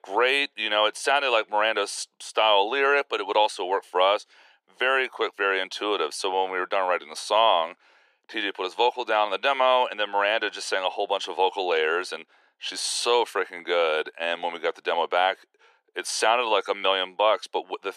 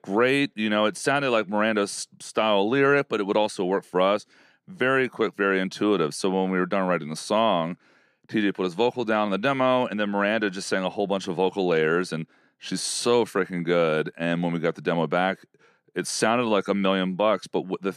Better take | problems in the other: second | thin; very; fading below 400 Hz

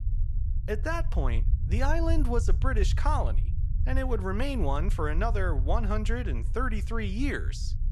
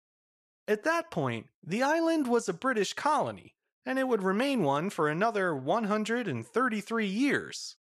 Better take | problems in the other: second | low rumble; noticeable; throughout; 15 dB below the speech

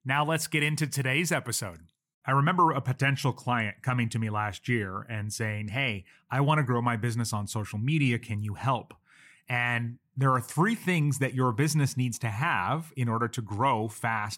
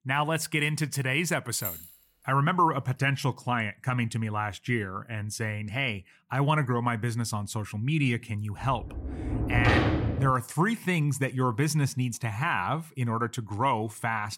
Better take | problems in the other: first | jangling keys; noticeable; at 1.5 s; peak 7 dB below the speech // door banging; loud; from 8.5 to 10 s; peak 4 dB above the speech

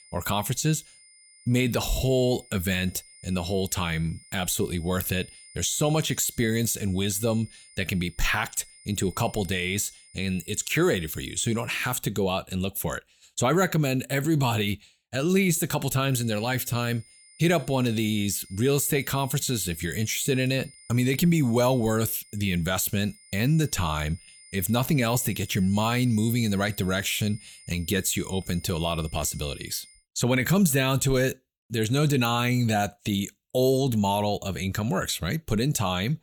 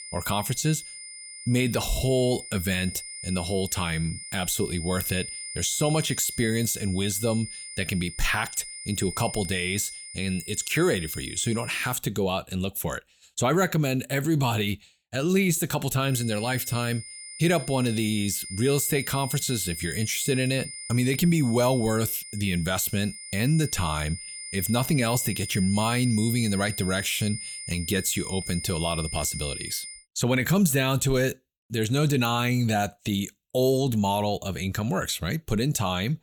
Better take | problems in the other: first | high-pitched whine; loud; until 12 s and from 16 to 30 s; 9 kHz, 10 dB below the speech; faint in the first

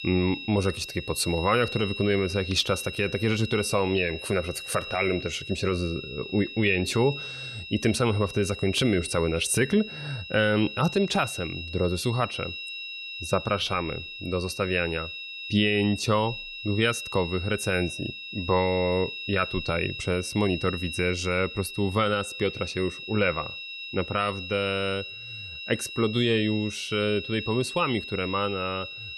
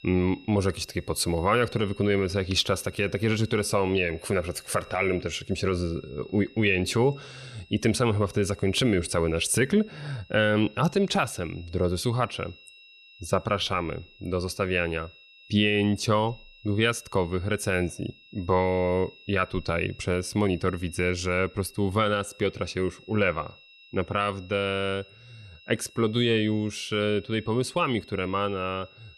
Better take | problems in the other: second | high-pitched whine; loud; throughout; 2.5 kHz, 9 dB below the speech; faint in the second

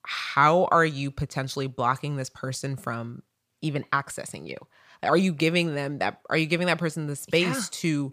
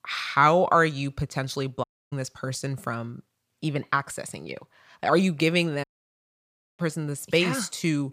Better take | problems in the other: first | audio cutting out; at 2 s and at 6 s for 1 s

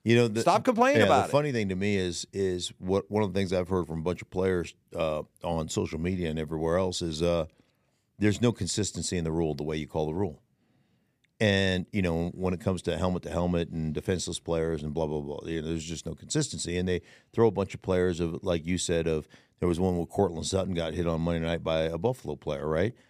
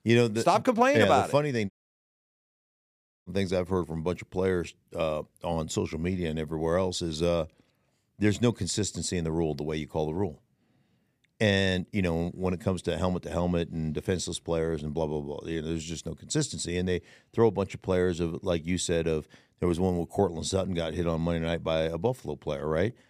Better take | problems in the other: first | audio cutting out; at 1.5 s for 1.5 s

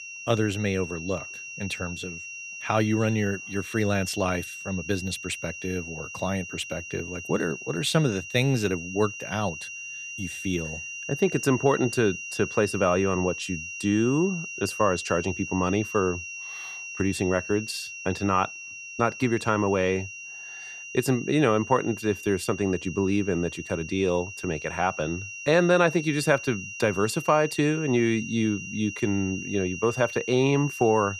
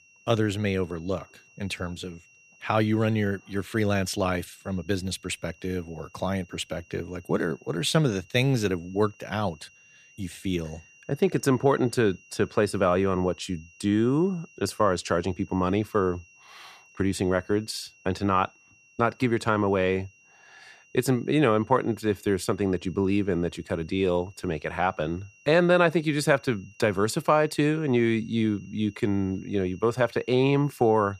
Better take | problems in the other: second | high-pitched whine; loud; throughout; 3 kHz, 9 dB below the speech; faint in the second

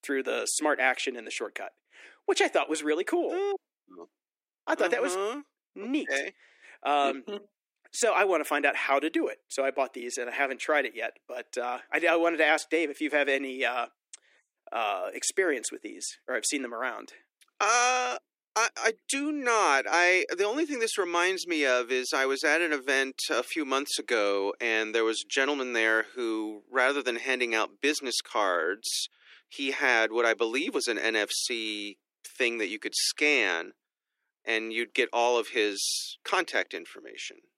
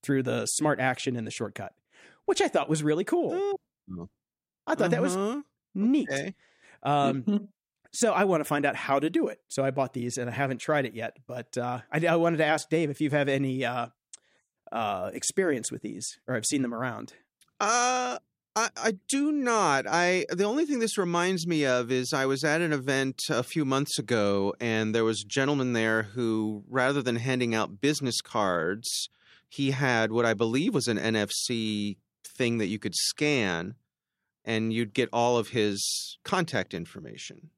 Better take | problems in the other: second | thin; somewhat; fading below 300 Hz

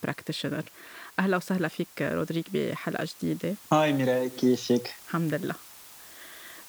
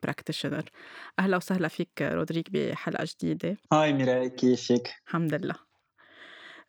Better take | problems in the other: second | hiss; noticeable; throughout; 20 dB below the speech

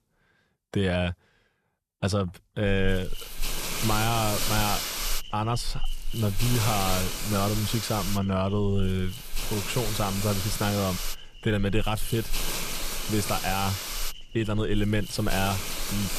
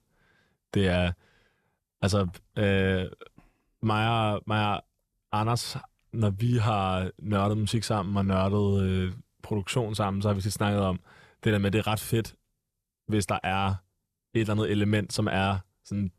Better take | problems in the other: second | hiss; loud; from 2.5 s on; 3 dB below the speech

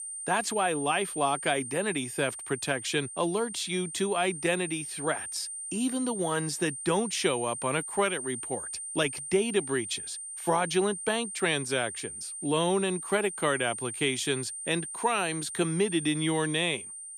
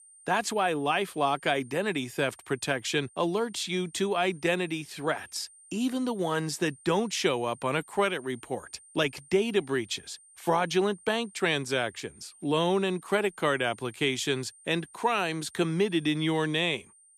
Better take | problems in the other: second | high-pitched whine; loud; throughout; 9 kHz, 7 dB below the speech; faint in the second

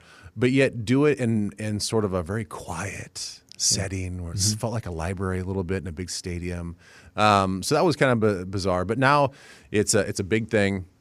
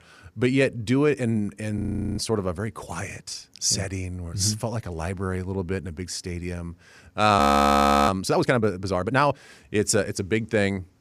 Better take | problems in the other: first | audio freezing; at 2 s and at 7.5 s for 0.5 s

